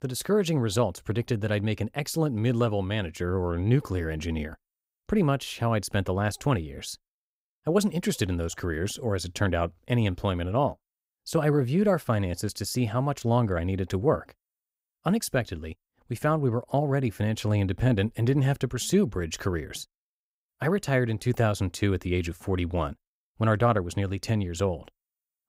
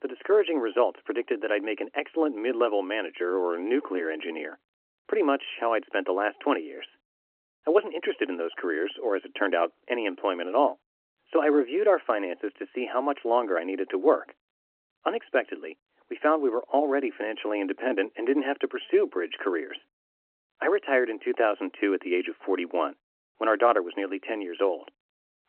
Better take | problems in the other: first | phone-call audio

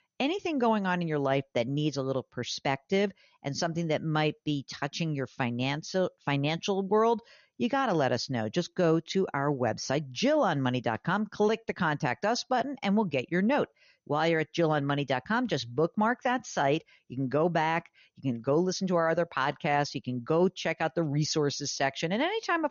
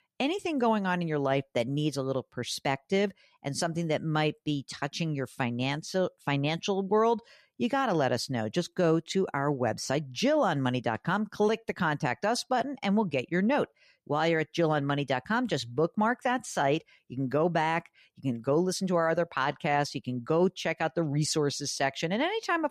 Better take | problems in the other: second | garbled, watery; slightly; nothing above 6.5 kHz

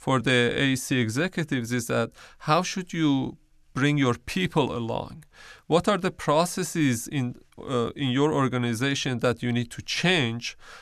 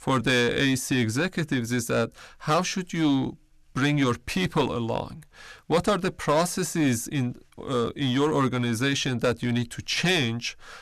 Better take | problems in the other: first | distortion; slight; 6% of the sound clipped

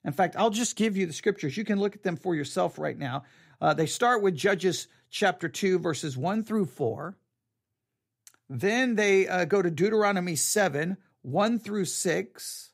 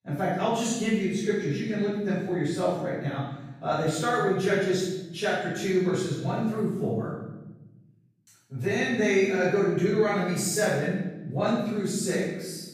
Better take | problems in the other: first | off-mic speech; far // room echo; strong; dies away in 1.1 s

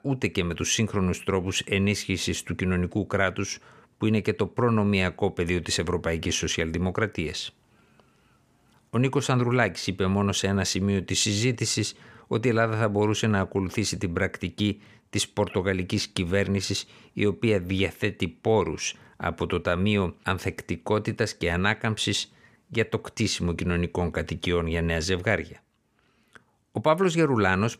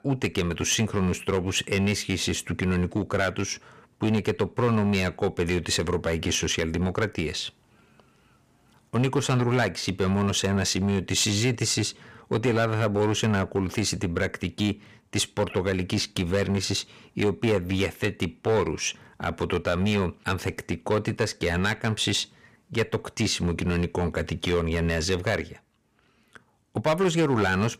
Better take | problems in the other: first | distortion; slight; 5% of the sound clipped

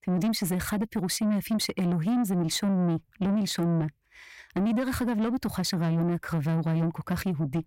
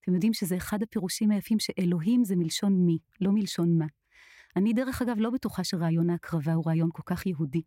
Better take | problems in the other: second | distortion; slight; 10 dB below the speech

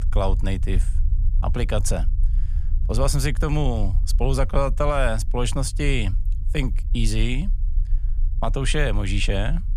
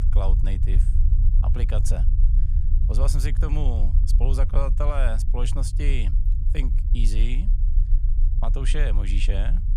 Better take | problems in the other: first | low rumble; loud; throughout; 9 dB below the speech; faint in the first

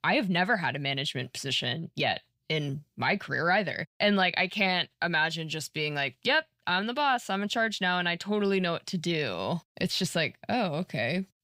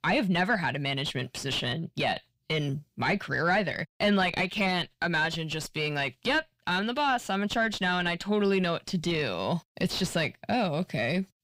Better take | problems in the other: first | distortion; slight; 10 dB below the speech

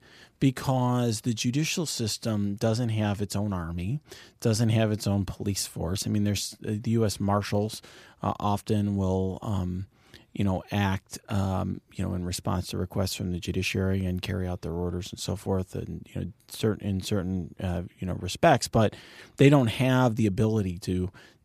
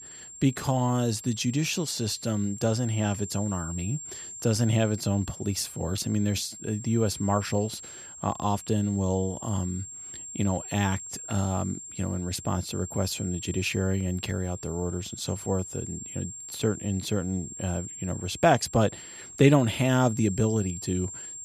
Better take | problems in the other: first | high-pitched whine; noticeable; throughout; 7.5 kHz, 10 dB below the speech

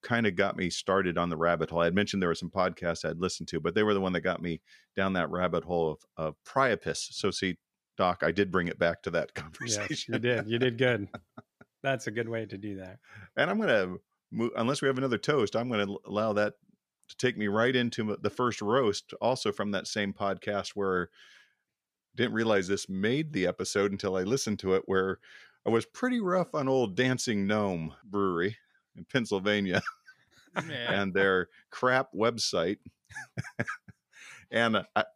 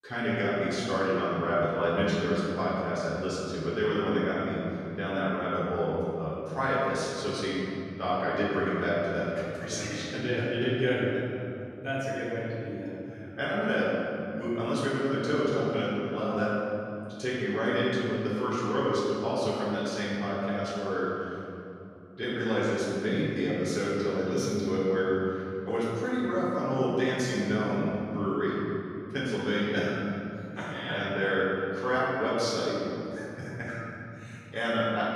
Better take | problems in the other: first | off-mic speech; far // room echo; strong; dies away in 3 s

